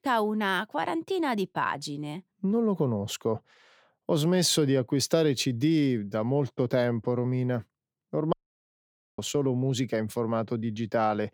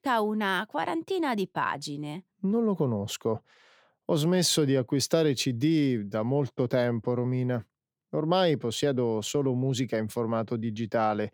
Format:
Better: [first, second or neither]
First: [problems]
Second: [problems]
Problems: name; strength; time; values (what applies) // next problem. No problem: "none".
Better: second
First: audio cutting out; at 8.5 s for 1 s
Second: none